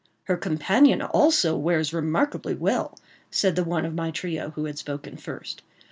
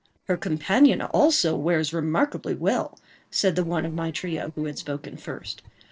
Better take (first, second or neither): first